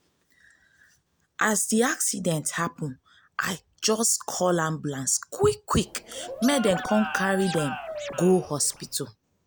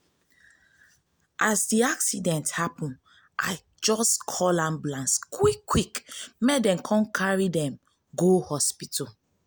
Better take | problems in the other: second | background sound (Scratching (performance technique) + Dog); 9 dB below the speech

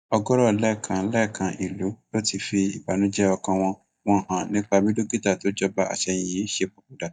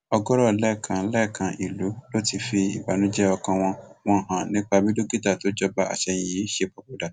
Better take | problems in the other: second | noise reduction (neural mask model DeepFilterNet 3)

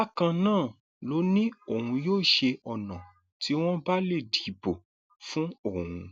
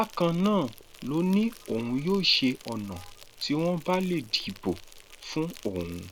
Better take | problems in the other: first | background sound (Insect); 19 dB below the speech

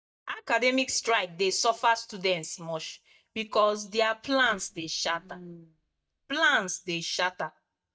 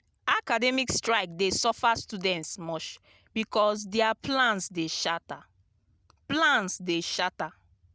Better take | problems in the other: second | noise reduction (neural mask model DeepFilterNet 3)

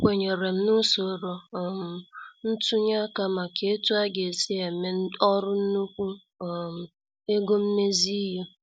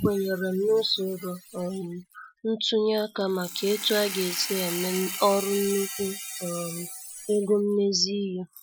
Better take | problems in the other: first | noise reduction (classical method Wiener filter)

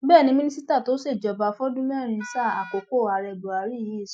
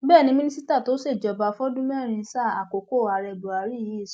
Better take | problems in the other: second | noise reduction (classical method Wiener filter)

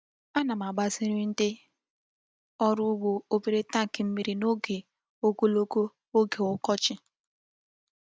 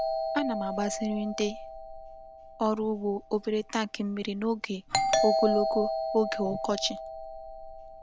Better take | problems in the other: first | background sound (Doorbell); 1 dB below the speech

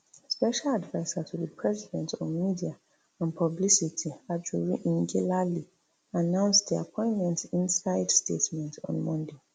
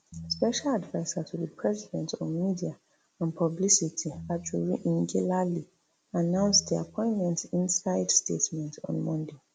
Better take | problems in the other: first | background sound (Piano); 19 dB below the speech

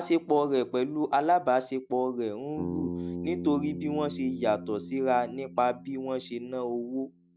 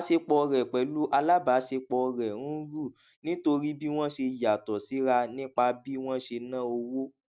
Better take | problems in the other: second | background sound (Bass guitar); 11 dB below the speech

